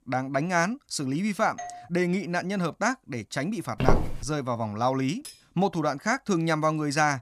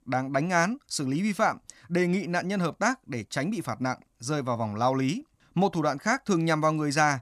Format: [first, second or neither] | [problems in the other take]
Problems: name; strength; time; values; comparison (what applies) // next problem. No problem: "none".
second | doorbell; faint; at 1.5 s; peak 10 dB below the speech // footsteps; loud; at 4 s; peak 2 dB above the speech // clattering dishes; faint; at 5 s; peak 15 dB below the speech